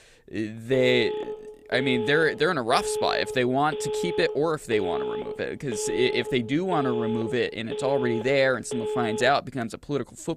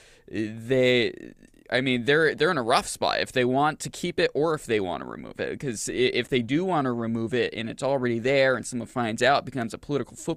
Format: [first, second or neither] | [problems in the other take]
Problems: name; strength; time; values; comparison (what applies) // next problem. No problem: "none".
second | phone ringing; noticeable; from 0.5 to 9.5 s; peak 4 dB below the speech